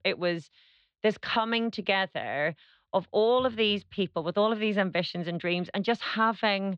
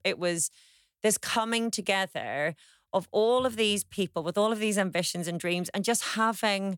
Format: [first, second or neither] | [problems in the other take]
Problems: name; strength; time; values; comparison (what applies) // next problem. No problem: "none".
second | muffled; slightly; fading above 4 kHz